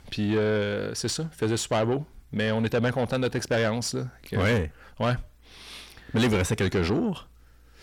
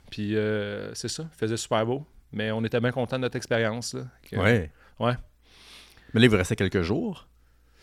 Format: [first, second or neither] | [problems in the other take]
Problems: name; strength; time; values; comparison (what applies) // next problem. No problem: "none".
second | distortion; heavy; 7 dB below the speech